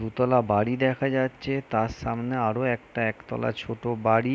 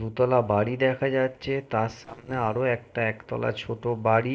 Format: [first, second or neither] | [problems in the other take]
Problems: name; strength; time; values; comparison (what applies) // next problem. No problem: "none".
first | noise reduction (neural separator model SepFormer DNS4)